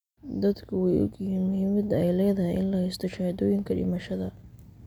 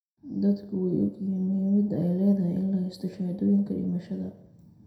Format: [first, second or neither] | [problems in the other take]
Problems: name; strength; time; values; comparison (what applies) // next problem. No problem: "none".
first | room echo; dies away in 0.5 s